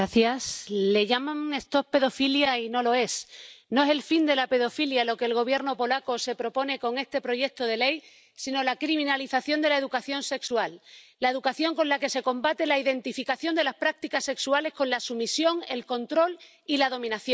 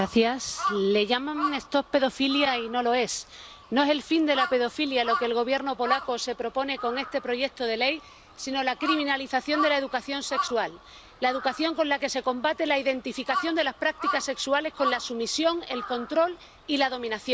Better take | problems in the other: first | background sound (Crow); 10 dB below the speech

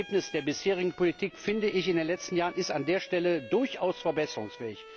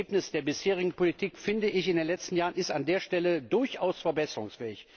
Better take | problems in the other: second | background sound (Bowed string instrument); 19 dB below the speech

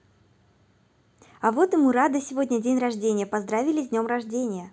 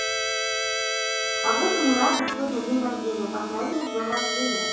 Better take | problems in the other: first | background sound (Keyboard (musical)); as loud as the speech // room echo; dies away in 0.7 s

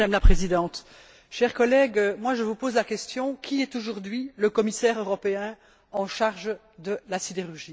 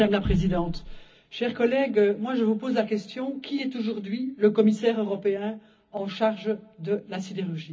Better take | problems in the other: first | room echo; dies away in 0.4 s

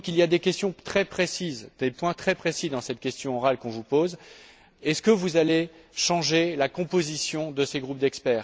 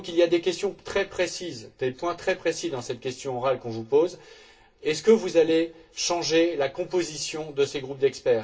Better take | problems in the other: first | room echo; dies away in 0.2 s

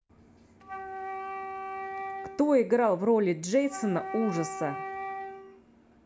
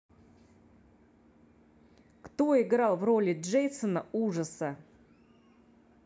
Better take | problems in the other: second | background sound (Wind instrument, woodwind instrument); 9 dB below the speech

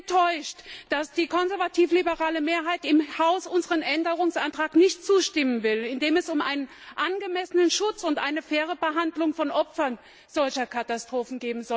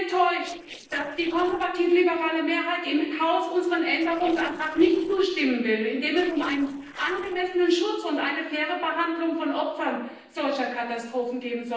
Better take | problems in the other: first | noise reduction (neural separator model SepFormer DNS4)

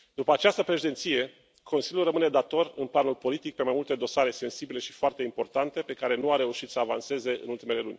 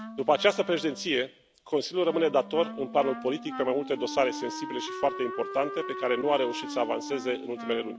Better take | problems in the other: first | background sound (Wind instrument, woodwind instrument); 10 dB below the speech

